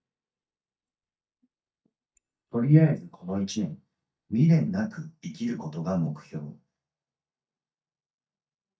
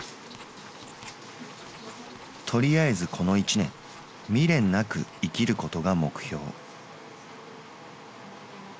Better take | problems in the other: second | noise reduction (neural mask model DeepFilterNet 3)

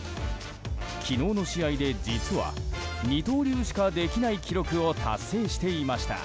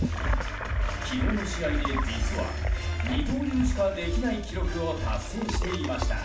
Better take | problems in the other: first | background sound (Sink (filling or washing) / Gurgling); 9 dB below the speech // room echo; dies away in 0.4 s

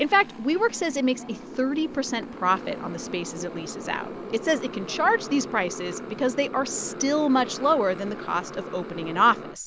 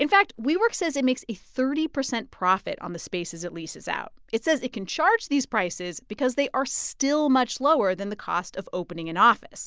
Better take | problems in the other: second | background sound (Motorcycle); 11 dB below the speech

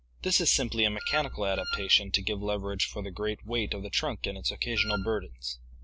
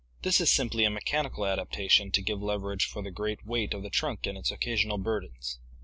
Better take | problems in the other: second | background sound (Wind instrument, woodwind instrument); 8 dB below the speech

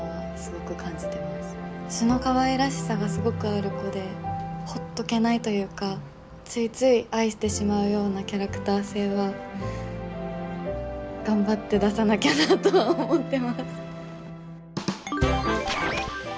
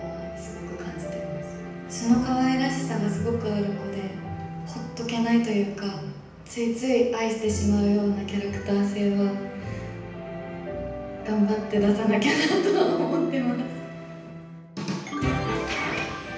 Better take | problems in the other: first | room echo; dies away in 0.9 s

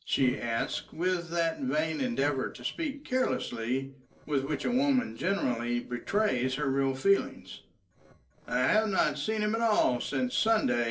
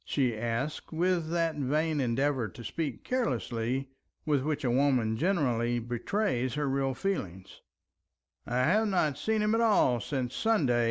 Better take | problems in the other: second | noise reduction (neural separator model SepFormer DNS4)

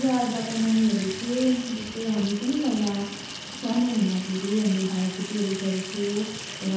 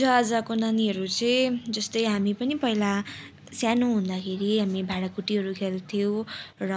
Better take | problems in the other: second | background sound (Sink (filling or washing) / Water tap, faucet); 11 dB below the speech // room echo; dies away in 0.8 s

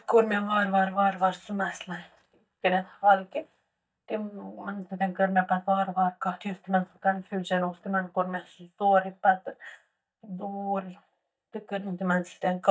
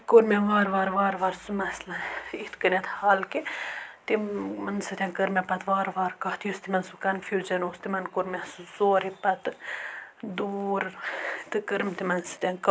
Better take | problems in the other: second | noise reduction (neural mask model DeepFilterNet 3)

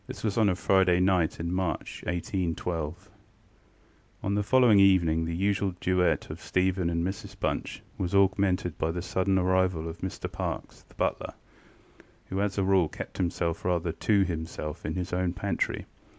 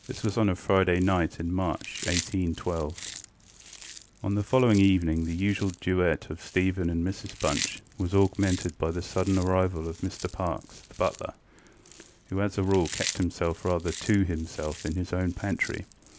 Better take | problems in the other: first | background sound (Chewing, mastication); 15 dB below the speech

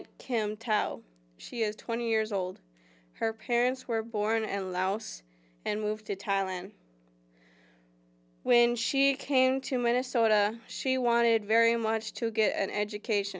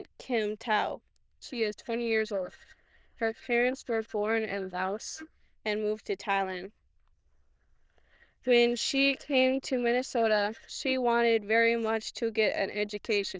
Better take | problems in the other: first | noise reduction (neural diffusion model UNIVERSE++)

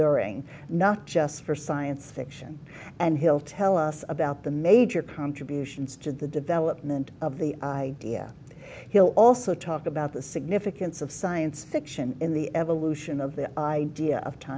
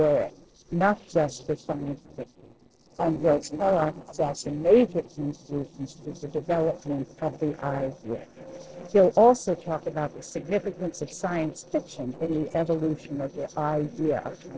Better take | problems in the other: first | noise reduction (neural separator model SepFormer DNS4)

